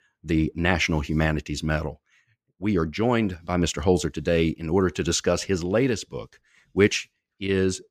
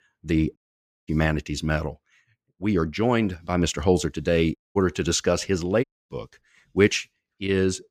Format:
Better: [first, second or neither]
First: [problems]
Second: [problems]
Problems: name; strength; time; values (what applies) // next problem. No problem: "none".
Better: first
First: none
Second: audio cutting out; at 0.5 s for 0.5 s, at 4.5 s and at 6 s